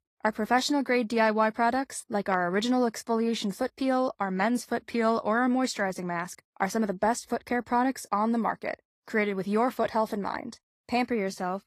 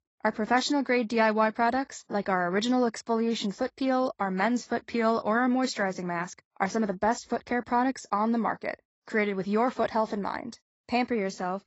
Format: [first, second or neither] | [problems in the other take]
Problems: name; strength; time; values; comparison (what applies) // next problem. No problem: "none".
first | garbled, watery; badly; nothing above 8 kHz; slightly in the first